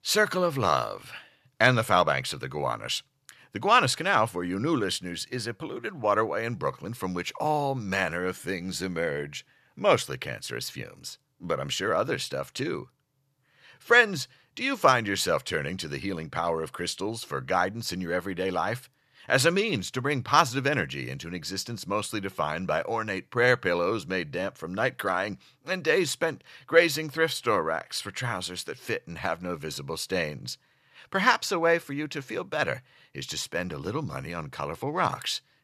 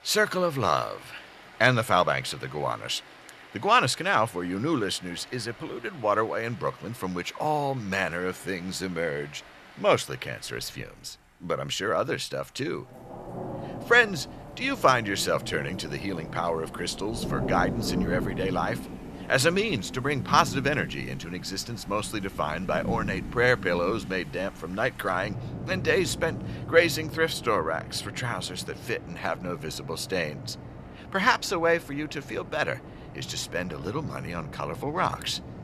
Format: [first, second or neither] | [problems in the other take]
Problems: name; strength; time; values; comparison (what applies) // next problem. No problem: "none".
first | rain or running water; noticeable; throughout; 10 dB below the speech